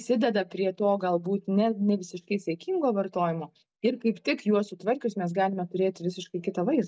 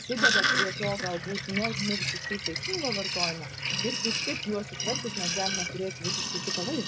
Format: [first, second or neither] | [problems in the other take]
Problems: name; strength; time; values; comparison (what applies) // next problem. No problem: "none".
first | background sound (Sink (filling or washing)); 4 dB above the speech